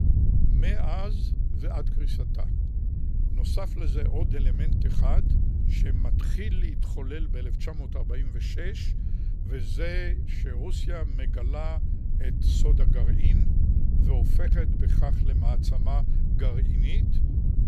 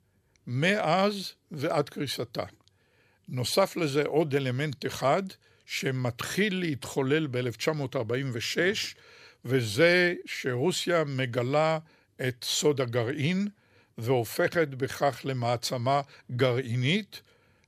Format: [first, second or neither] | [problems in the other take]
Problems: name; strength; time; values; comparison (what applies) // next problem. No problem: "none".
second | wind noise on the microphone; heavy; 3 dB below the speech